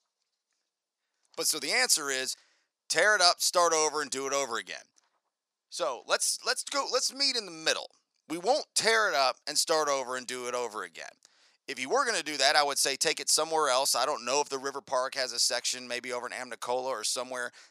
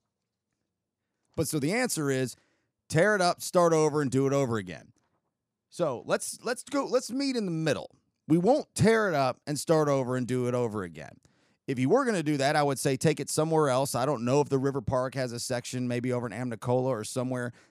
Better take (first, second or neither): second